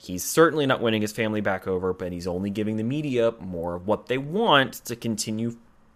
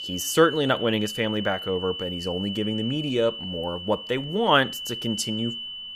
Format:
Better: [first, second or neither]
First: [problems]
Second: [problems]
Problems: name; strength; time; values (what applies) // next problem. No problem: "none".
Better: first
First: none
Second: high-pitched whine; loud; throughout; 3 kHz, 7 dB below the speech